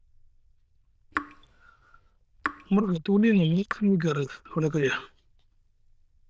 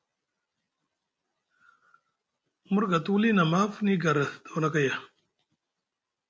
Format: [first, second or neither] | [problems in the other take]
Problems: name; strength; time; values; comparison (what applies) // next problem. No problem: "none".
second | noise reduction (neural diffusion model UNIVERSE++)